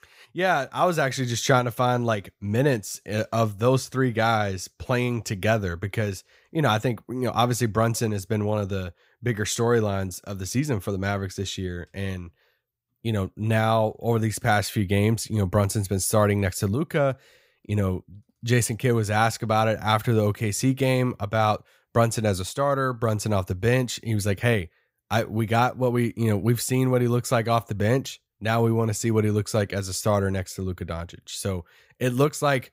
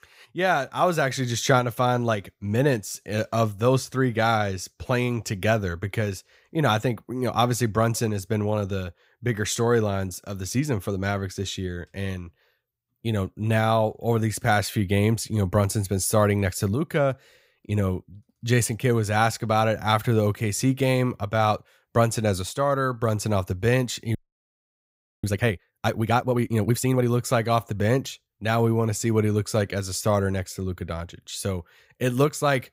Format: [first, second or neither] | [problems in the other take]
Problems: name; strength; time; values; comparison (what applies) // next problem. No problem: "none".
first | audio freezing; at 24 s for 1 s